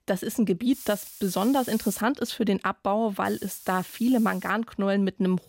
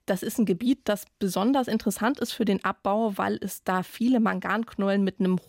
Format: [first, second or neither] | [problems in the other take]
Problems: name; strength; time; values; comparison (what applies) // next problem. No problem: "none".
second | hiss; noticeable; from 0.5 to 2 s and from 3.5 to 4.5 s; 15 dB below the speech